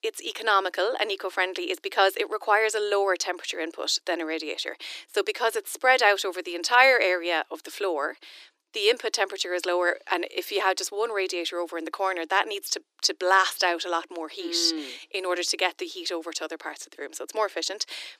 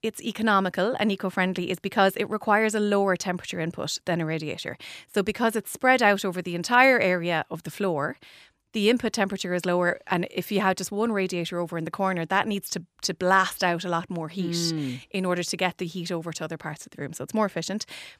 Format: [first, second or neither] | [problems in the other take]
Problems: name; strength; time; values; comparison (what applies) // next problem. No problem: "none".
second | thin; very; fading below 300 Hz